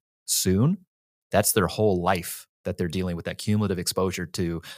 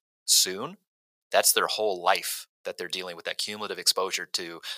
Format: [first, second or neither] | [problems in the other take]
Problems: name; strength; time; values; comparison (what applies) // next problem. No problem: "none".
first | thin; very; fading below 650 Hz